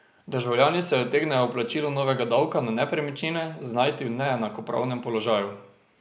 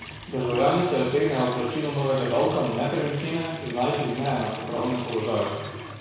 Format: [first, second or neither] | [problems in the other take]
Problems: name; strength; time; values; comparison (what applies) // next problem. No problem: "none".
first | background sound (Trickle, dribble / Sink (filling or washing) / Water tap, faucet); 12 dB below the speech // room echo; dies away in 1.1 s